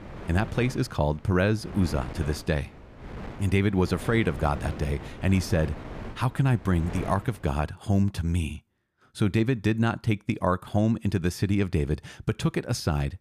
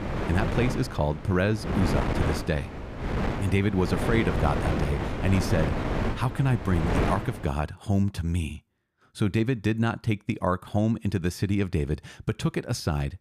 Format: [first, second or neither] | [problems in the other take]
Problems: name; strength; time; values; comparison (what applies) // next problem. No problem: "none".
first | wind noise on the microphone; heavy; until 7.5 s; 1 dB below the speech; occasional gusts in the first